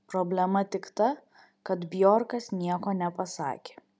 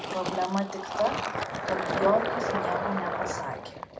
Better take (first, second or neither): first